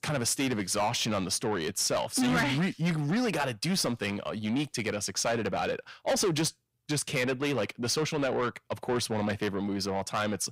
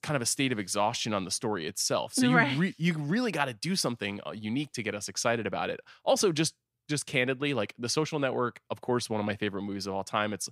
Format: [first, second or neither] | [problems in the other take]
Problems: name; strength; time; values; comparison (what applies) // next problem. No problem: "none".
second | distortion; heavy; 7 dB below the speech